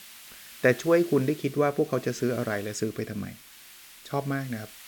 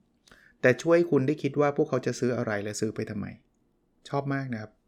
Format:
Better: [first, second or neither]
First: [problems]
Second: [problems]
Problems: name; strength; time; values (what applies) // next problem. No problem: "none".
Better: second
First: hiss; noticeable; throughout; 20 dB below the speech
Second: none